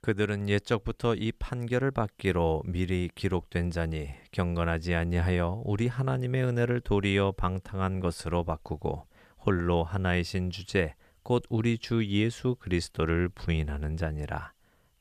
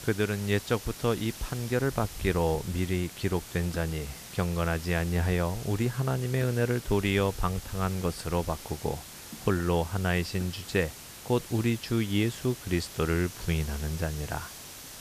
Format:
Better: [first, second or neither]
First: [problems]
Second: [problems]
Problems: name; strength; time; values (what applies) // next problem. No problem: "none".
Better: first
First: none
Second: hiss; noticeable; throughout; 10 dB below the speech